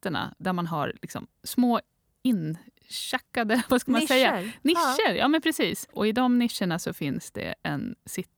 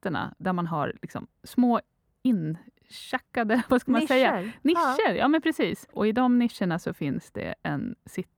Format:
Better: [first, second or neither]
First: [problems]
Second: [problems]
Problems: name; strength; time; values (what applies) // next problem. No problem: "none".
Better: first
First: none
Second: muffled; slightly; fading above 3 kHz